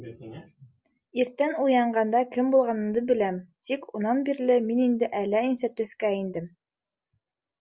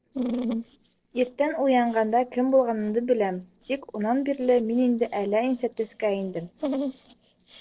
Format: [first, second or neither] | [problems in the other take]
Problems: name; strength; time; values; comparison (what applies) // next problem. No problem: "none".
first | noise reduction (neural separator model SepFormer DNS4)